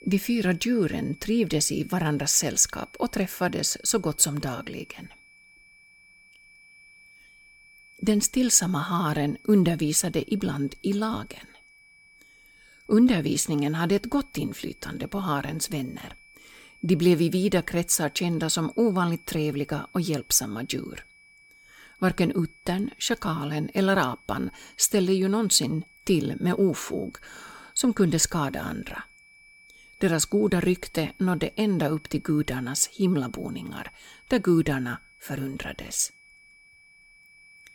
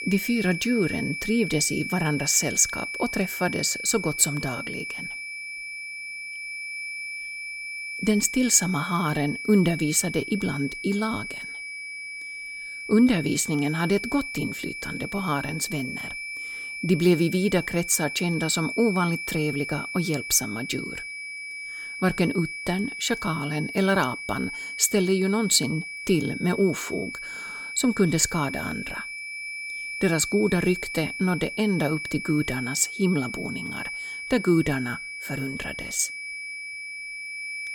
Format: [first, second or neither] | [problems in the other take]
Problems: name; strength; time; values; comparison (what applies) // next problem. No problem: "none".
first | high-pitched whine; loud; throughout; 2.5 kHz, 8 dB below the speech; faint in the first